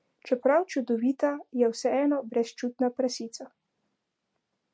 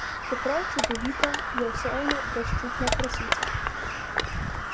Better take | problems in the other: first | background sound (Crushing + Crow); 4 dB above the speech

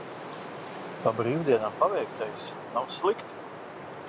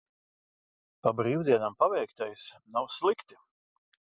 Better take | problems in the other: second | background sound (Wind); 9 dB below the speech

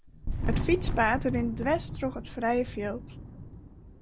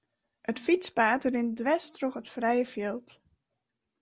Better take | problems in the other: second | background sound (Thunder); 3 dB below the speech

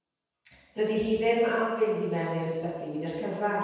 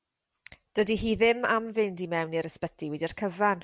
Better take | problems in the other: second | room echo; dies away in 1.2 s

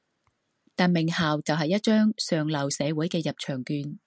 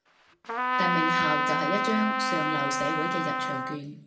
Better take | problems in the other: first | background sound (Trumpet); 4 dB above the speech // room echo; dies away in 0.7 s

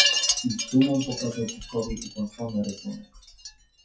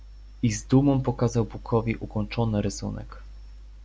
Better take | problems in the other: second | noise reduction (classical method WPE with log-MMSE)

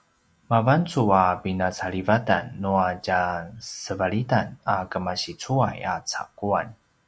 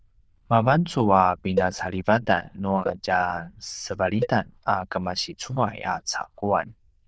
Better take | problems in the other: first | noise reduction (neural diffusion model UNIVERSE++)

